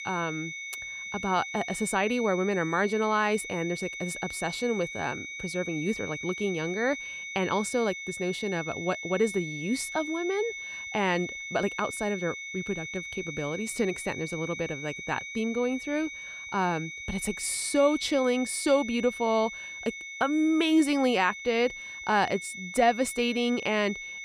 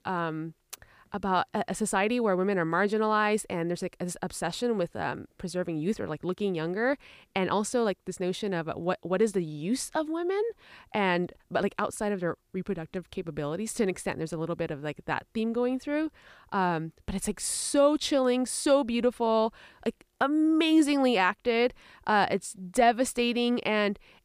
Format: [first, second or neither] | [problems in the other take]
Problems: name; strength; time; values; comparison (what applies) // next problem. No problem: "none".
second | high-pitched whine; loud; throughout; 2 kHz, 8 dB below the speech